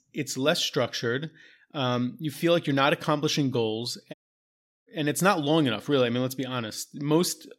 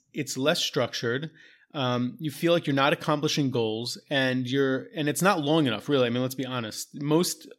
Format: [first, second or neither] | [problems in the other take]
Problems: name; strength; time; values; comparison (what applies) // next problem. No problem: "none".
second | audio cutting out; at 4 s for 0.5 s